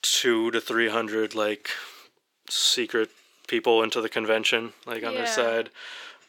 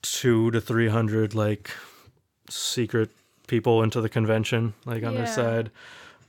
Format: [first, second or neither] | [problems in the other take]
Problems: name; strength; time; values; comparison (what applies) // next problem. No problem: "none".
second | thin; very; fading below 300 Hz